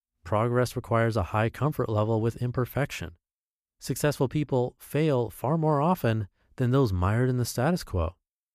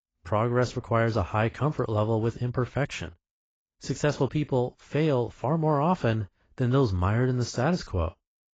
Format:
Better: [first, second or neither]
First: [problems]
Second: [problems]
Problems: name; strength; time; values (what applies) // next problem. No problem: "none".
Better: first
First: none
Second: garbled, watery; badly; nothing above 7.5 kHz